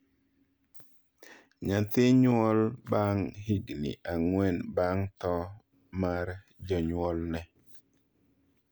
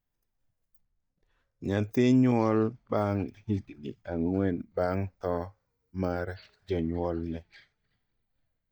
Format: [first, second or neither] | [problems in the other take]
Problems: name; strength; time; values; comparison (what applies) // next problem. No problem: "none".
first | noise reduction (neural mask model DeepFilterNet 3)